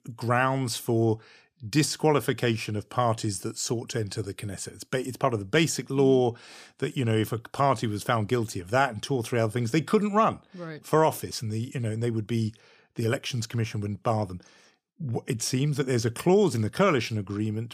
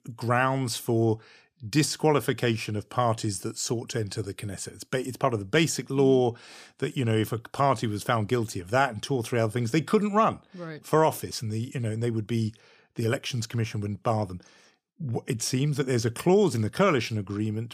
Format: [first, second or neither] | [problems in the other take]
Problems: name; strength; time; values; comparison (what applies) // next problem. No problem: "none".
neither | none